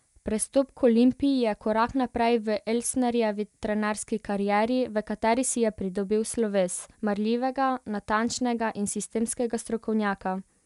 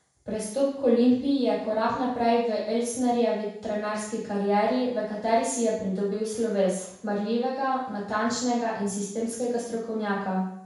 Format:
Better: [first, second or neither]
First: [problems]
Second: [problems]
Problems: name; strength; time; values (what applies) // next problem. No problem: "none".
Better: first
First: none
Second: room echo; dies away in 0.7 s